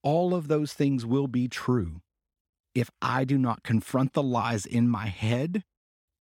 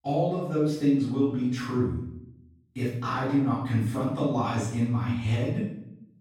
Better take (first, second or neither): first